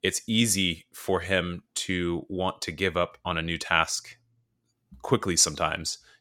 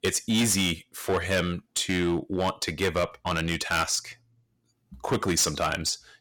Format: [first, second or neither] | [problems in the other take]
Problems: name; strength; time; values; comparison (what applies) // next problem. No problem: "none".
first | distortion; heavy; 8% of the sound clipped